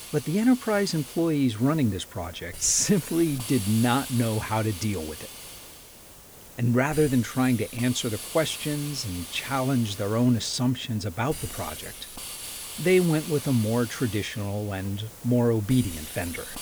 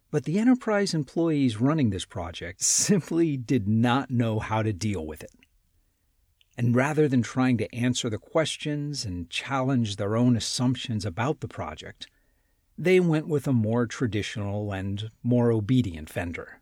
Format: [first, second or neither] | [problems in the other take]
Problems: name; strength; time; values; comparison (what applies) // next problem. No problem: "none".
second | hiss; noticeable; throughout; 10 dB below the speech